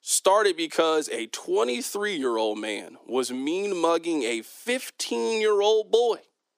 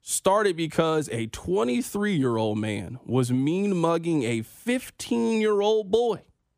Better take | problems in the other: second | thin; somewhat; fading below 300 Hz

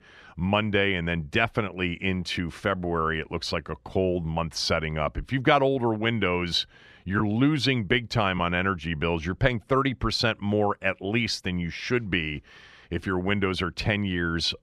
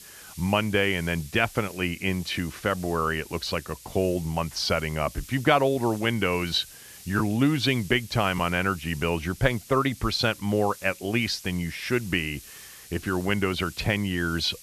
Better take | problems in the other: first | hiss; noticeable; throughout; 20 dB below the speech

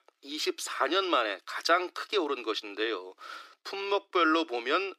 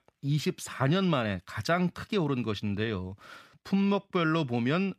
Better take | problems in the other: second | thin; very; fading below 300 Hz

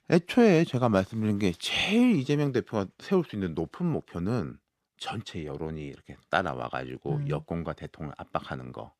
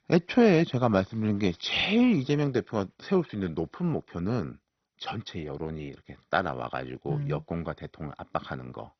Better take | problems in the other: first | garbled, watery; badly; nothing above 6 kHz

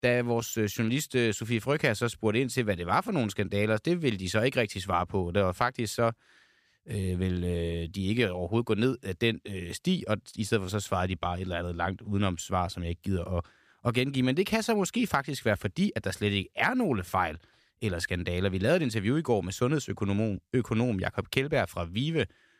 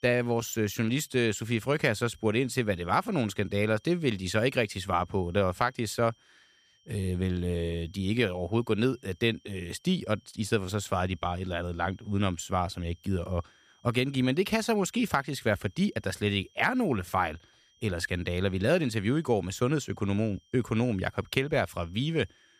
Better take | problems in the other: first | high-pitched whine; faint; throughout; 3 kHz, 35 dB below the speech

